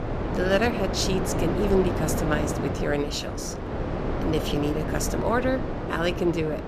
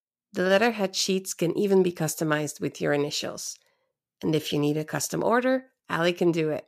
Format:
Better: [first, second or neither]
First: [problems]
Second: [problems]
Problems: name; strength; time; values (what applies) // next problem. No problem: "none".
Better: second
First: wind noise on the microphone; heavy; 4 dB below the speech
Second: none